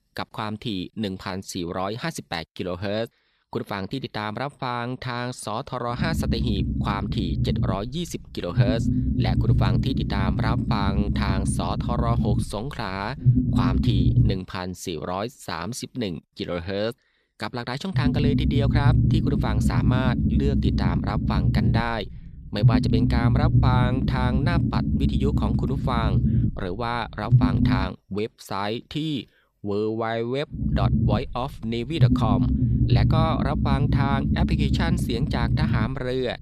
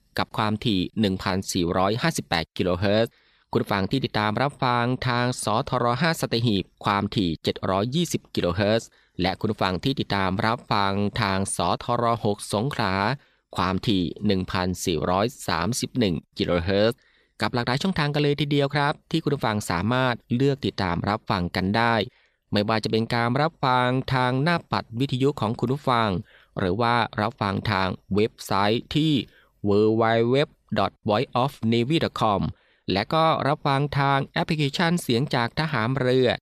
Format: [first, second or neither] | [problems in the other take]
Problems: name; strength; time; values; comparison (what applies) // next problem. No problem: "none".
second | low rumble; loud; from 6 to 14 s, from 18 to 28 s and from 31 s on; 3 dB below the speech